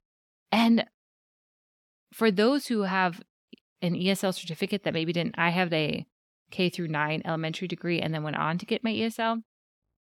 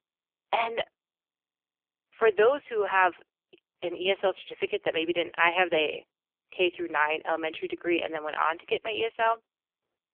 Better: first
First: none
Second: phone-call audio; poor line; nothing above 3 kHz

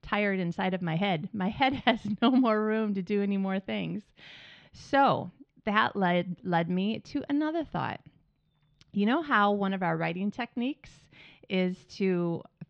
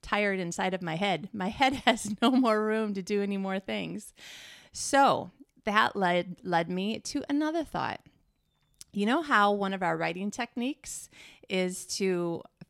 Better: second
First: muffled; slightly; fading above 4 kHz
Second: none

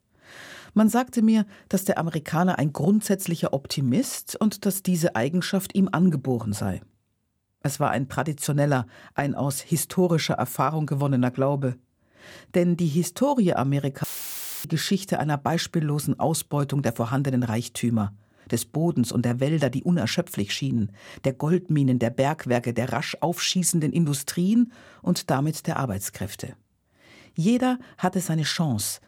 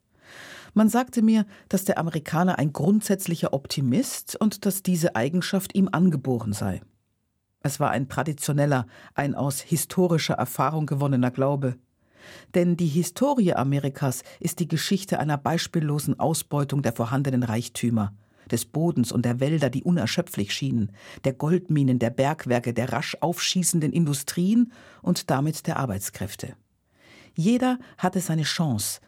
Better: second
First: audio cutting out; filled with static; at 14 s for 0.5 s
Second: none

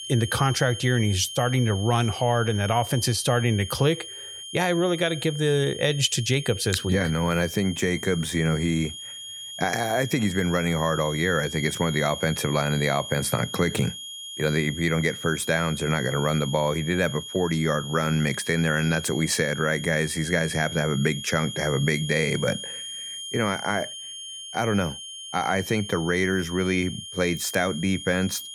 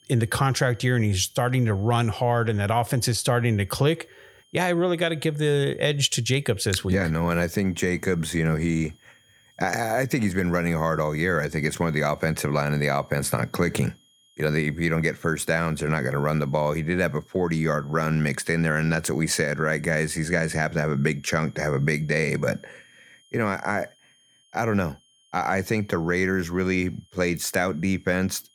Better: second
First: high-pitched whine; loud; throughout; 3.5 kHz, 10 dB below the speech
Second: high-pitched whine; faint; throughout; 3.5 kHz, 35 dB below the speech

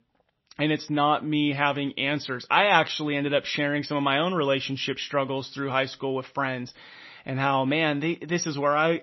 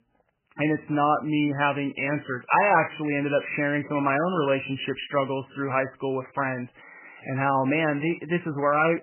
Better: first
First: garbled, watery; slightly; nothing above 5.5 kHz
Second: garbled, watery; badly; nothing above 3 kHz

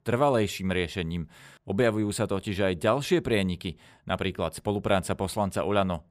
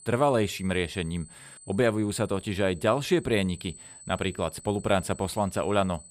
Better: first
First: none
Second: high-pitched whine; noticeable; throughout; 8 kHz, 20 dB below the speech

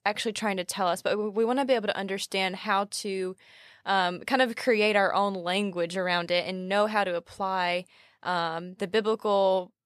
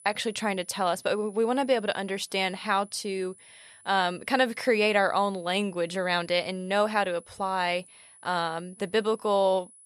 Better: first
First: none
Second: high-pitched whine; faint; throughout; 10 kHz, 25 dB below the speech

